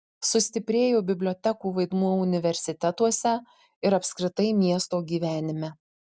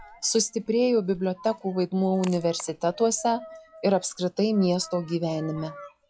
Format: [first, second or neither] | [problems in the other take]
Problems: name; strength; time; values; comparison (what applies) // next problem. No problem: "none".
first | noise reduction (classical method log-MMSE)